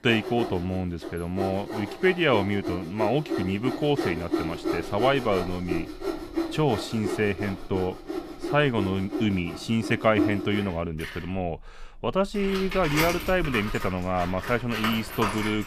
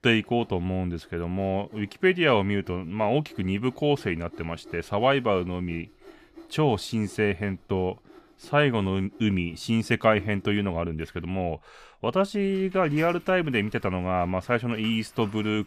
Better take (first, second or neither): second